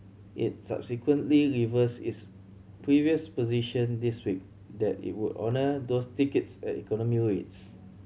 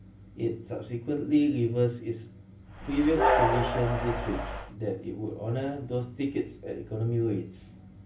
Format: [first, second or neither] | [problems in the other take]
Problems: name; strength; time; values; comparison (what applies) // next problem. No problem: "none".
first | background sound (Train); 2 dB above the speech // room echo; dies away in 0.3 s